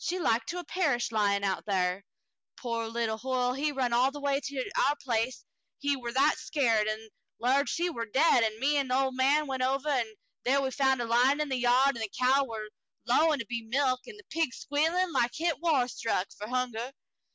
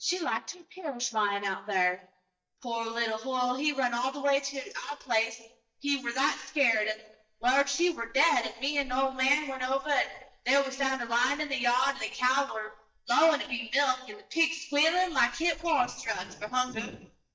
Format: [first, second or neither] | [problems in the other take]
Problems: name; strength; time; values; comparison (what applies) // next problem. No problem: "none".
first | noise reduction (neural mask model DeepFilterNet 3)